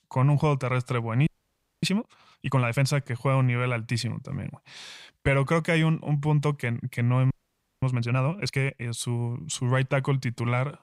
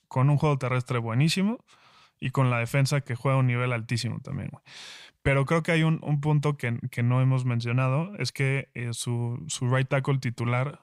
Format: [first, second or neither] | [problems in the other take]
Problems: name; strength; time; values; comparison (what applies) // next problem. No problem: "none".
second | audio freezing; at 1.5 s for 0.5 s and at 7.5 s for 0.5 s